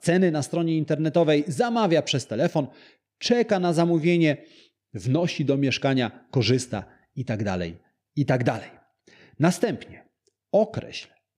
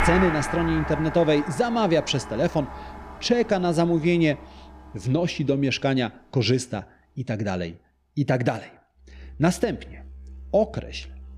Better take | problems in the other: first | background music; noticeable; throughout; 10 dB below the speech

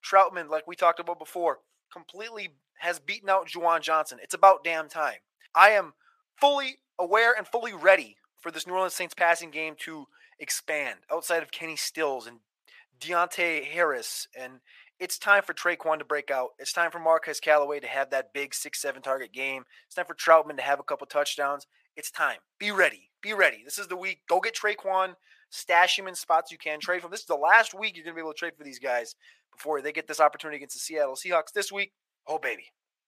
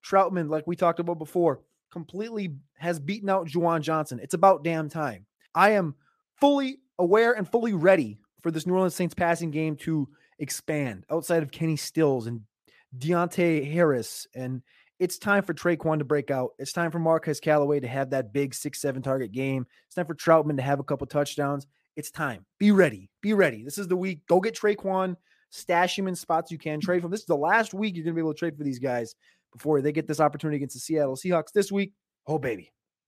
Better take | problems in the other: second | thin; very; fading below 850 Hz

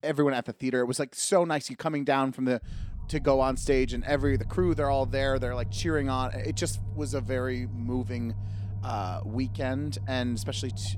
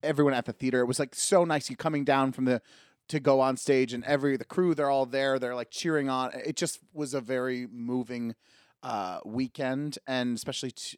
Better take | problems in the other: second | low rumble; faint; from 2.5 s on; 20 dB below the speech

